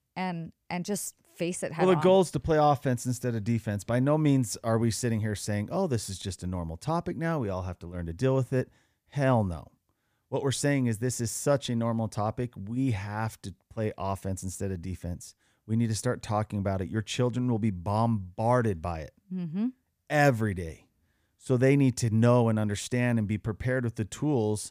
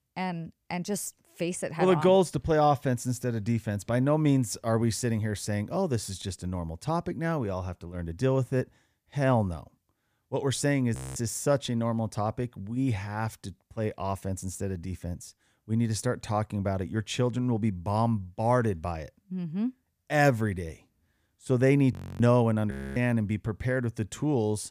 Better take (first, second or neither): first